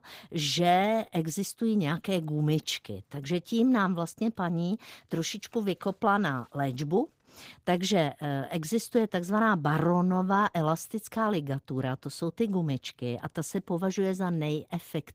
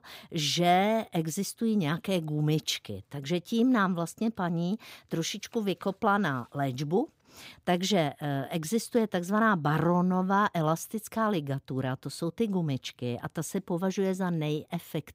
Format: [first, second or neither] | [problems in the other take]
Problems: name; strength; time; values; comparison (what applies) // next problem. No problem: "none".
second | garbled, watery; slightly; nothing above 15.5 kHz